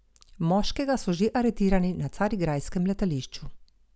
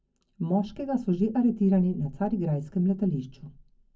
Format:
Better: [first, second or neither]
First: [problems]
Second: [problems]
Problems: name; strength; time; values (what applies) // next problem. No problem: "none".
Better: first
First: none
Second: room echo; dies away in 0.3 s